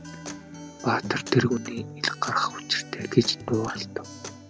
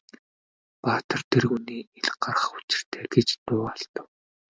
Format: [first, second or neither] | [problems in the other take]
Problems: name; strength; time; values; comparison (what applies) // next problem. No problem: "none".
second | background sound (Acoustic guitar); 11 dB below the speech